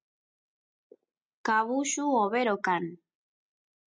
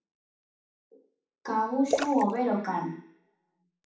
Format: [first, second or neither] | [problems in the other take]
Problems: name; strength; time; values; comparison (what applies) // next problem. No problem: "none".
first | background sound (Splash, splatter); 5 dB below the speech // room echo; dies away in 0.7 s